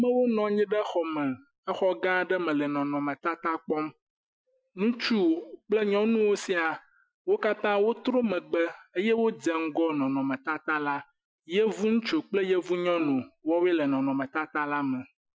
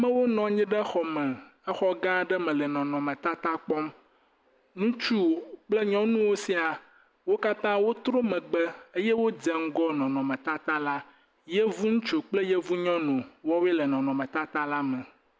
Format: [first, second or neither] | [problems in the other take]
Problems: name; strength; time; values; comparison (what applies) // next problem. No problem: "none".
second | noise reduction (classical method Wiener filter)